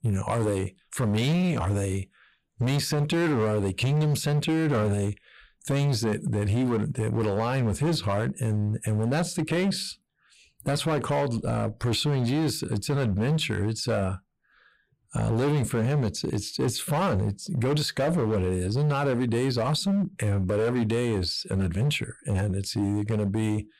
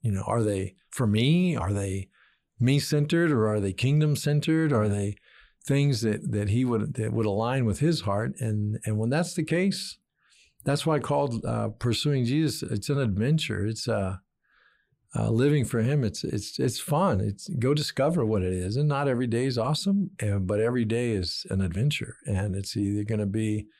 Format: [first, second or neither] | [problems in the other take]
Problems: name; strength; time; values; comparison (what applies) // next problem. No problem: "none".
second | distortion; slight; 18% of the sound clipped